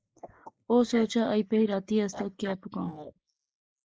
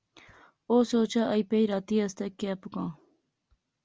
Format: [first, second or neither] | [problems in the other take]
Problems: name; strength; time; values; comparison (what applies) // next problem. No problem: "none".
second | noise reduction (neural mask model Resemble Enhance denoiser)